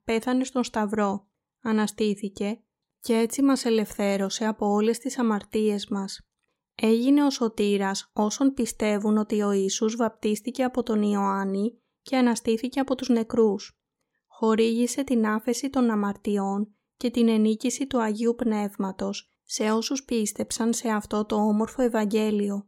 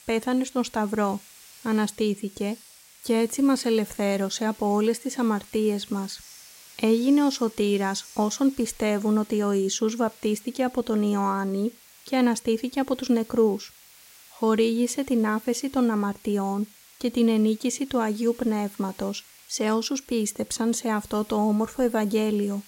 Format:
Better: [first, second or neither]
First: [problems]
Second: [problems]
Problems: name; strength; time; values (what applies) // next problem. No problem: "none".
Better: first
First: none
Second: hiss; faint; throughout; 20 dB below the speech